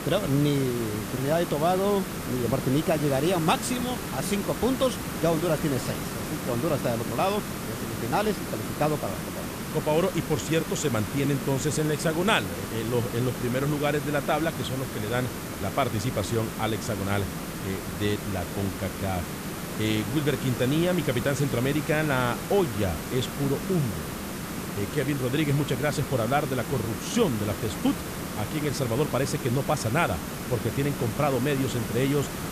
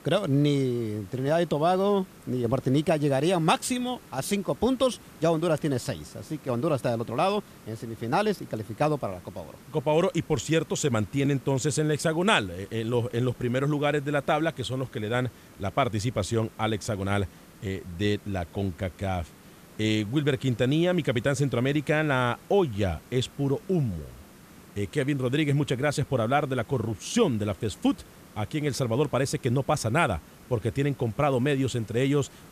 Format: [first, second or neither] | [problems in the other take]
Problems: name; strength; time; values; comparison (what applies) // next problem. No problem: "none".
second | hiss; loud; throughout; 6 dB below the speech; faint in the second